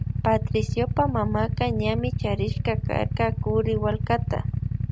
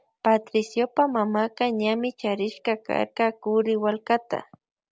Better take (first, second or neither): second